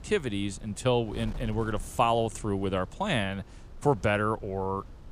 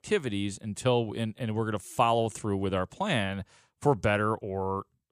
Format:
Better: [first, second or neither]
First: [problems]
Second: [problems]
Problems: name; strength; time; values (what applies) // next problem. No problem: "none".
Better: second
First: wind noise on the microphone; occasional gusts; 25 dB below the speech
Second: none